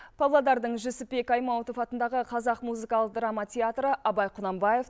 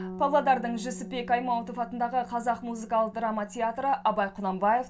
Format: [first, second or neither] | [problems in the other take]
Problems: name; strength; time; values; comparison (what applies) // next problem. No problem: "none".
first | background sound (Bass guitar); 15 dB below the speech // room echo; dies away in 0.2 s